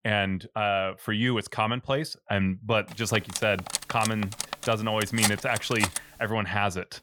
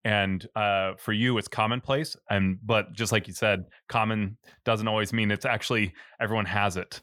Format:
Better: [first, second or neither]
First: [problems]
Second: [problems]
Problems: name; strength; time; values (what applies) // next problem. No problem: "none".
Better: second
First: clattering dishes; loud; from 3 to 6 s; peak 1 dB above the speech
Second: none